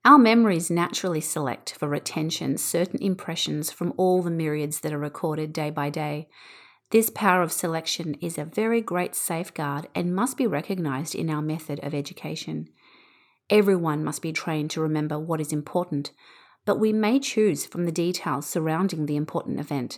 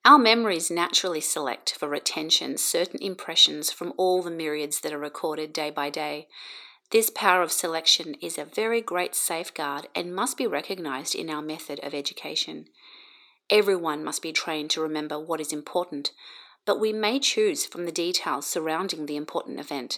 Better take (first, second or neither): first